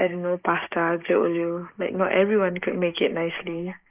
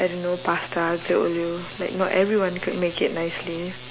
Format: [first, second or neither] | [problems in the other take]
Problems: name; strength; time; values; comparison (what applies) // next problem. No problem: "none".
second | noise reduction (neural mask model Resemble Enhance denoiser)